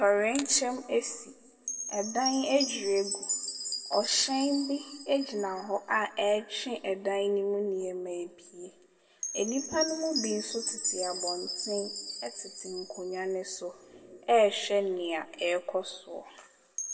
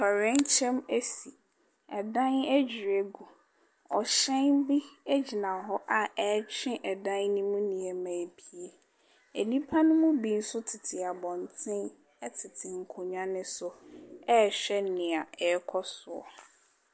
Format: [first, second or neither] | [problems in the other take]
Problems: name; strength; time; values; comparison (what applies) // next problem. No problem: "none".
second | background sound (Chime); 9 dB below the speech // room echo; dies away in 0.7 s